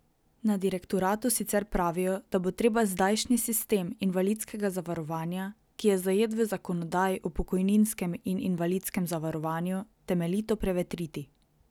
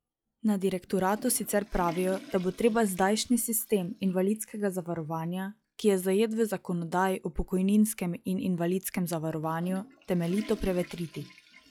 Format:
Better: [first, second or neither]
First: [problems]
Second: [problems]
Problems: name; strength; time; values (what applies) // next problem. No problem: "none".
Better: first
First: none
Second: noise reduction (classical method log-MMSE)